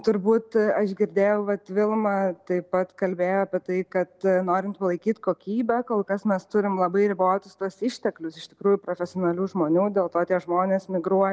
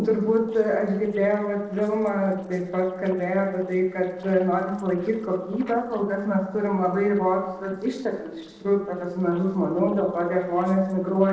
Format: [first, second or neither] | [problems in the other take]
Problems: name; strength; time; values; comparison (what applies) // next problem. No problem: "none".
first | noise reduction (neural separator model SepFormer DNS4)